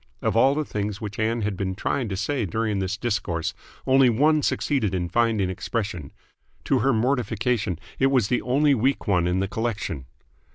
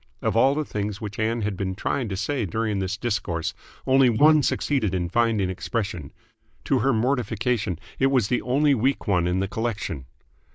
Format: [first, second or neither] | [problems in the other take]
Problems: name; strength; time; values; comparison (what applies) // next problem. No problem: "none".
first | noise reduction (neural mask model Resemble Enhance denoiser)